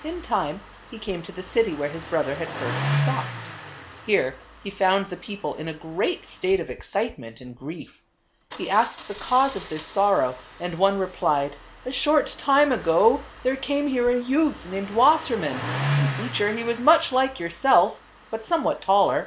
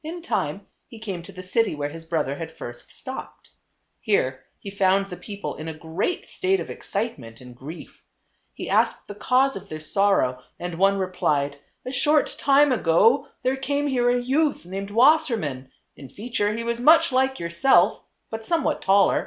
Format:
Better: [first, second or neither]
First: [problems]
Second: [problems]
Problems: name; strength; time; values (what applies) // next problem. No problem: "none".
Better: second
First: background sound (Engine starting); 10 dB below the speech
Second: none